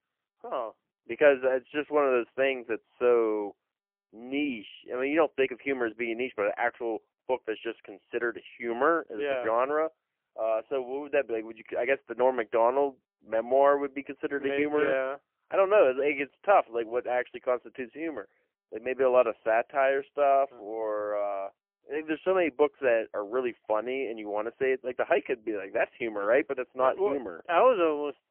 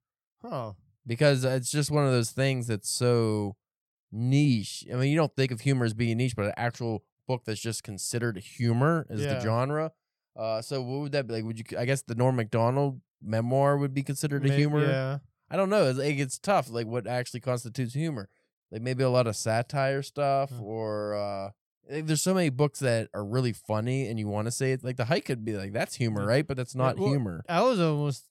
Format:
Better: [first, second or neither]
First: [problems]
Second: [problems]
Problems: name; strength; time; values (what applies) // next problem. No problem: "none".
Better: second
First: phone-call audio; poor line; nothing above 3 kHz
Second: none